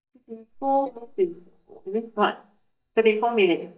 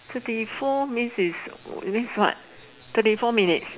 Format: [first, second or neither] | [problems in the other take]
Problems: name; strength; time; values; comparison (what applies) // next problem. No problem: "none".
second | noise reduction (neural mask model DeepFilterNet 3)